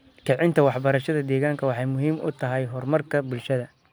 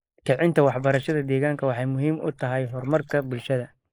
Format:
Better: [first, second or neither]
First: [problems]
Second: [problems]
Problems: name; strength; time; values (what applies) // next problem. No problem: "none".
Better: first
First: none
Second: noise reduction (neural mask model Resemble Enhance denoiser)